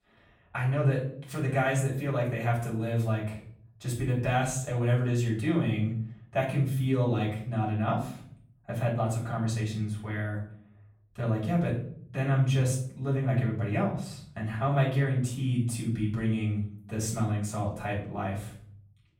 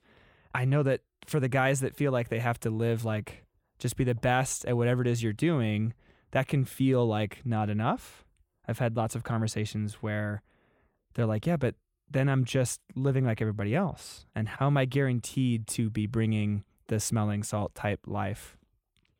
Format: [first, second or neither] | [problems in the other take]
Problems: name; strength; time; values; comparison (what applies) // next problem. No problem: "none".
second | off-mic speech; far // room echo; slight; dies away in 0.5 s